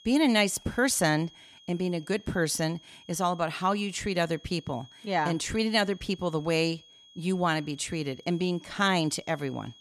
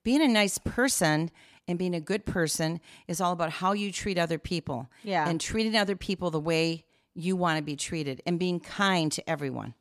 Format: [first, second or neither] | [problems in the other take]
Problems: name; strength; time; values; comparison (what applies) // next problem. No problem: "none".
second | high-pitched whine; faint; throughout; 3.5 kHz, 25 dB below the speech